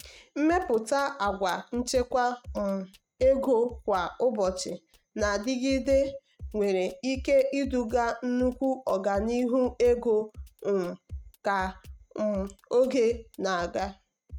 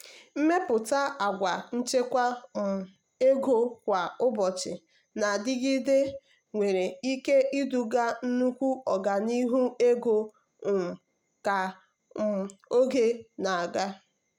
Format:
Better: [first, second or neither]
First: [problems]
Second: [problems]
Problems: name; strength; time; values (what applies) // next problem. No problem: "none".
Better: second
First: noise reduction (neural mask model RNNoise)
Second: none